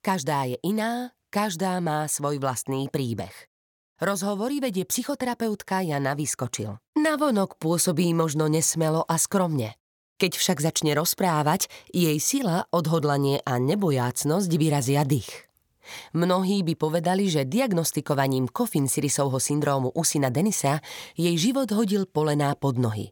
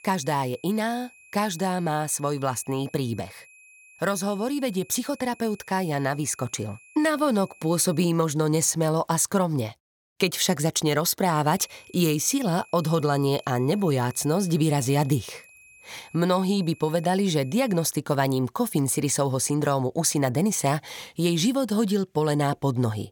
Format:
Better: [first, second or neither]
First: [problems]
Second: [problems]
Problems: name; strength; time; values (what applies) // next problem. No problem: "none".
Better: first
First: none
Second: high-pitched whine; faint; until 8 s and from 12 to 18 s; 2.5 kHz, 25 dB below the speech